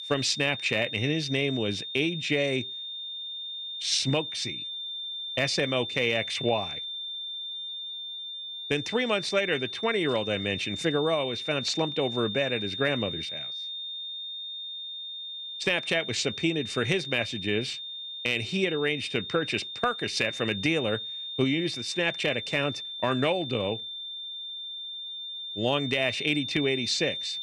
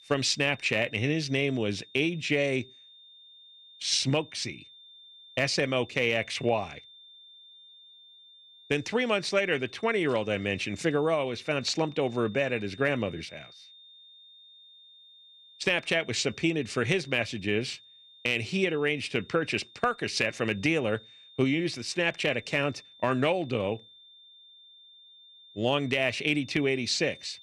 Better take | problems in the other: second | high-pitched whine; loud; throughout; 3.5 kHz, 6 dB below the speech; faint in the second

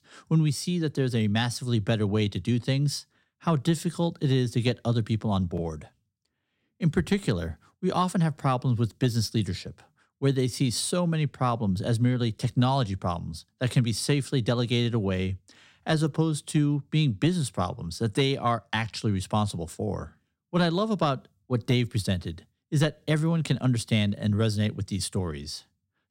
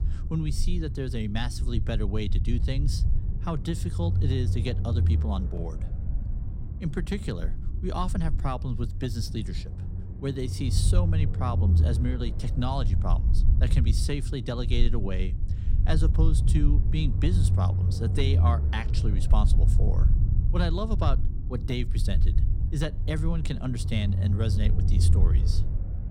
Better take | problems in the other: first | low rumble; loud; throughout; 7 dB below the speech

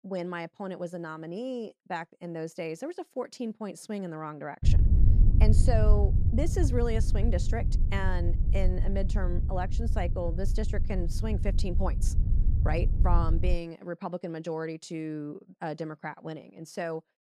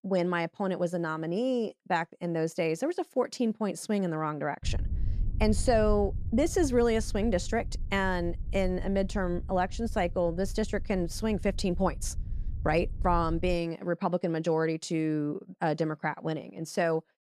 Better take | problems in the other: second | low rumble; loud; from 4.5 to 14 s; 9 dB below the speech; faint in the second

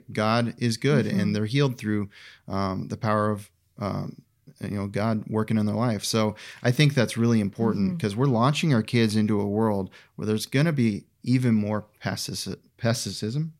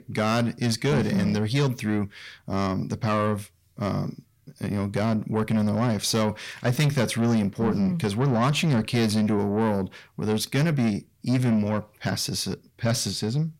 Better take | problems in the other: first | distortion; slight; 10 dB below the speech

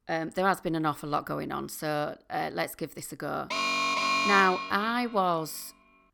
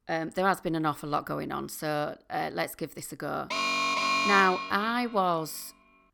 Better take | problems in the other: neither | alarm; loud; from 3.5 to 5 s; peak 4 dB above the speech; the same in both

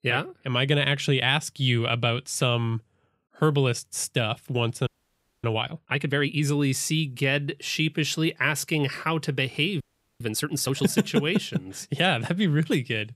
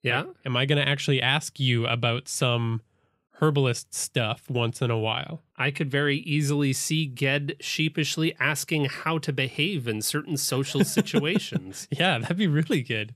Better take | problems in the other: second | audio freezing; at 5 s for 0.5 s and at 10 s

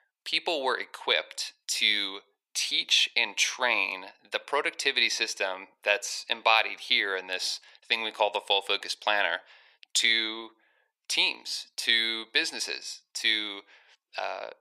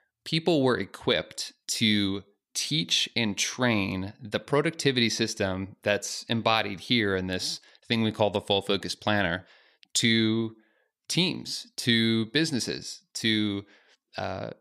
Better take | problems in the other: second | thin; very; fading below 500 Hz

